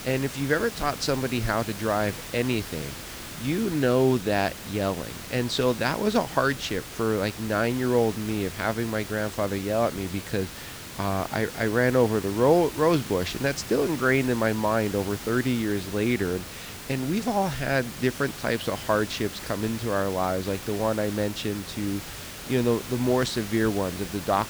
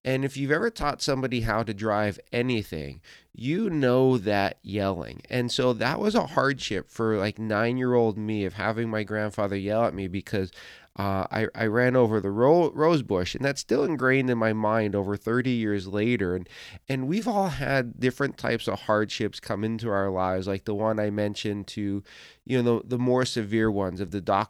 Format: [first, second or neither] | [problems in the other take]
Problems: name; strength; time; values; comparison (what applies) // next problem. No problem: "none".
second | hiss; noticeable; throughout; 10 dB below the speech